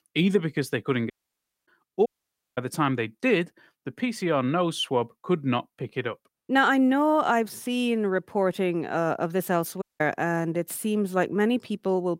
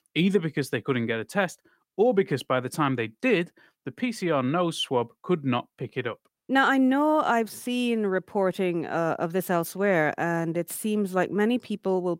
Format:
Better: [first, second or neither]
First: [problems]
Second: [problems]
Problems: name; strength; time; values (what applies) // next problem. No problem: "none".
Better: second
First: audio cutting out; at 1 s for 0.5 s, at 2 s for 0.5 s and at 10 s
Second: none